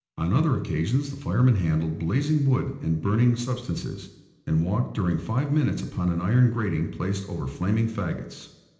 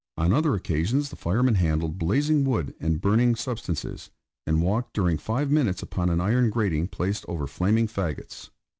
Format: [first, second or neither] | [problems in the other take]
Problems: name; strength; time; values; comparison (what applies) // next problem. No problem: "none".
second | room echo; dies away in 0.9 s